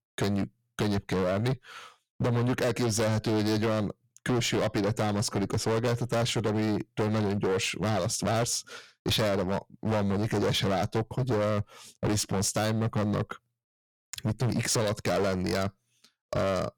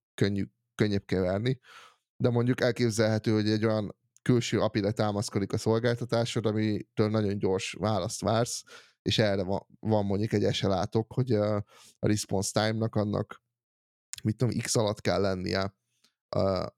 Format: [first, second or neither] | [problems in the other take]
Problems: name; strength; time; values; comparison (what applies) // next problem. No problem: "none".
second | distortion; heavy; 22% of the sound clipped